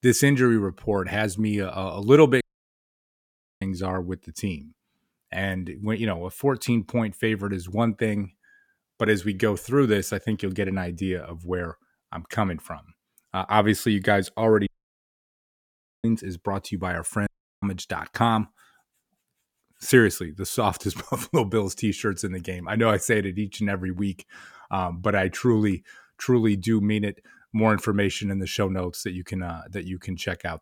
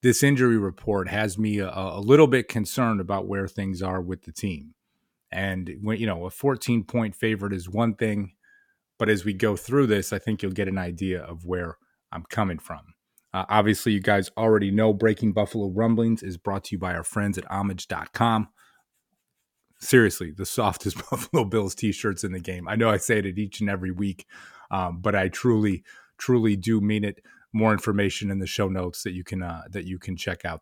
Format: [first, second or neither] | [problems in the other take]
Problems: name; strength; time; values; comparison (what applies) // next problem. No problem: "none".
second | audio cutting out; at 2.5 s for 1 s, at 15 s for 1.5 s and at 17 s